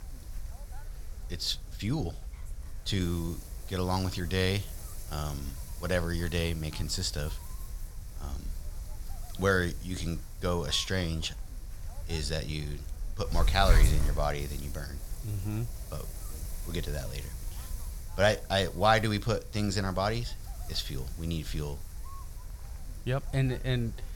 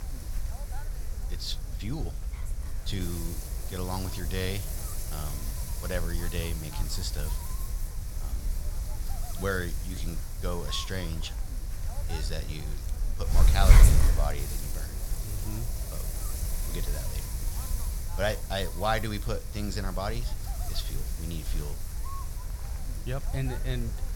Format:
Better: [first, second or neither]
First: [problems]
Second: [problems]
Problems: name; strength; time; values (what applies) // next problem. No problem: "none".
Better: first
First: wind noise on the microphone; occasional gusts; 20 dB below the speech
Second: wind noise on the microphone; heavy; 7 dB below the speech